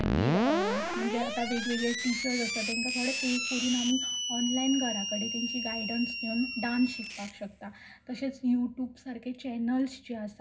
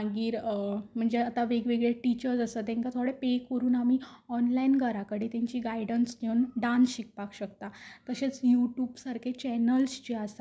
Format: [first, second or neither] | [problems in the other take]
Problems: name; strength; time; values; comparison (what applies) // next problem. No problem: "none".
second | background sound (Screech); 2 dB below the speech // room echo; dies away in 0.4 s